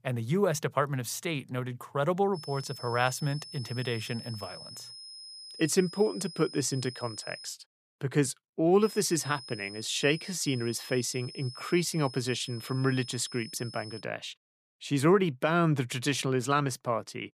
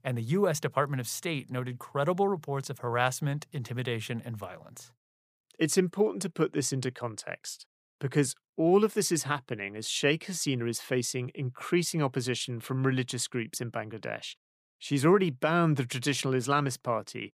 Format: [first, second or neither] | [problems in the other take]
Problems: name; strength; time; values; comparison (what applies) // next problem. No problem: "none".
second | high-pitched whine; noticeable; from 2.5 to 7.5 s and from 9 to 14 s; 5 kHz, 15 dB below the speech